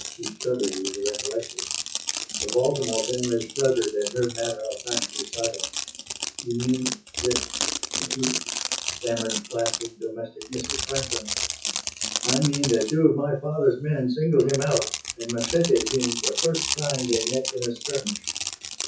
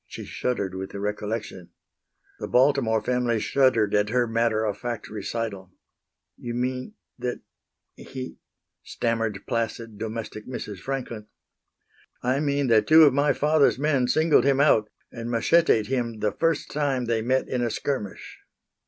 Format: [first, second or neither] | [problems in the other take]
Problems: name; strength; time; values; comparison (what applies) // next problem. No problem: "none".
second | noise reduction (classical method WPE with log-MMSE)